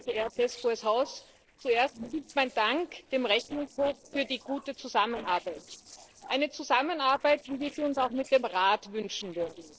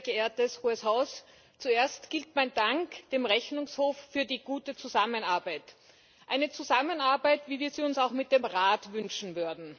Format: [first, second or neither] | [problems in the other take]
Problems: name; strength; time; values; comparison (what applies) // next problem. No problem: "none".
second | noise reduction (neural separator model SepFormer DNS4)